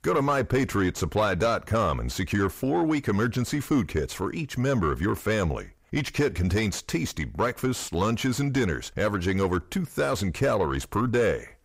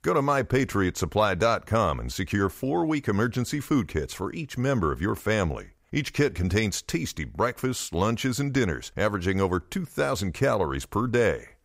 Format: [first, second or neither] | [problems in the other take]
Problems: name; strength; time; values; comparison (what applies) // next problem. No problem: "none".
second | distortion; slight; 10 dB below the speech